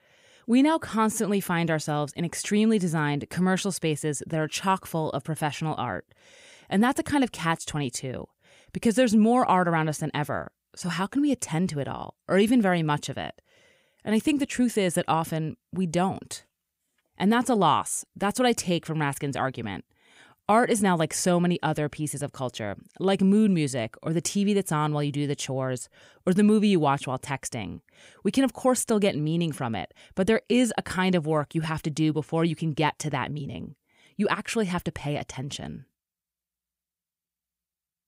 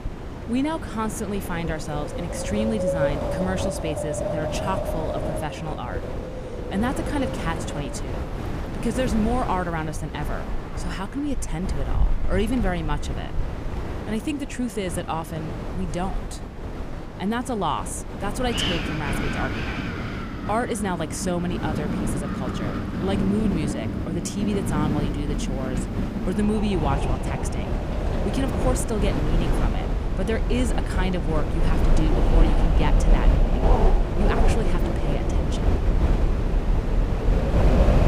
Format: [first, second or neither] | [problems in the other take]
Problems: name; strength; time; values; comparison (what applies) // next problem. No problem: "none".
first | wind in the background; very loud; throughout; 2 dB above the speech